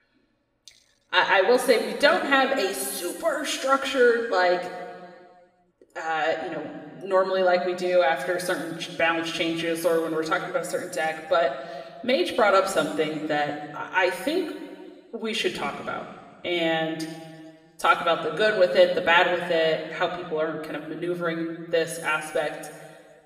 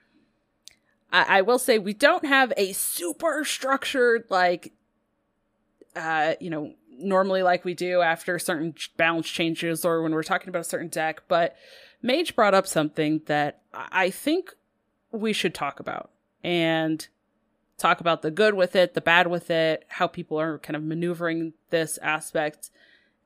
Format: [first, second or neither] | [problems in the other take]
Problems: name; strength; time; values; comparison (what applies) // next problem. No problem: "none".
second | room echo; noticeable; dies away in 1.6 s // off-mic speech; somewhat distant